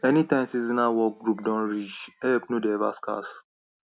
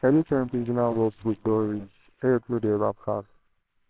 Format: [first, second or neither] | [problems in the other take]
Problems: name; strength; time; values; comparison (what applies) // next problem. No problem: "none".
first | noise reduction (neural separator model SepFormer WHAMR!)